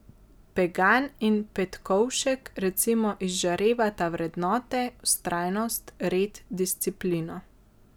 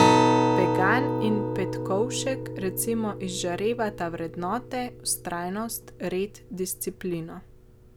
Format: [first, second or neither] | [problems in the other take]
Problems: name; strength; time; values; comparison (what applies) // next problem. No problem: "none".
first | background sound (Acoustic guitar); 2 dB above the speech